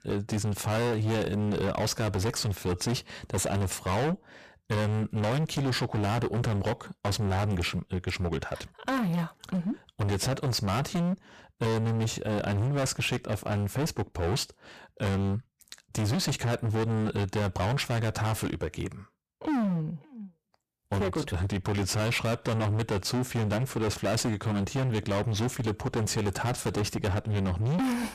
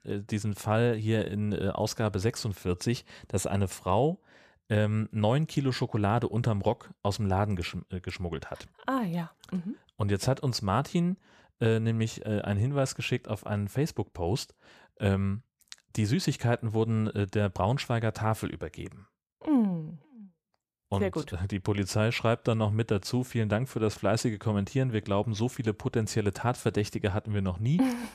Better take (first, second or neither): second